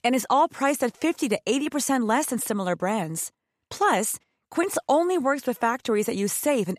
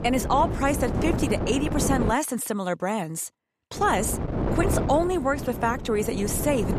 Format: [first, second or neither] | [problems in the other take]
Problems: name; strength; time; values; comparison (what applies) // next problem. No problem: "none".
first | wind noise on the microphone; heavy; until 2 s and from 4 s on; 8 dB below the speech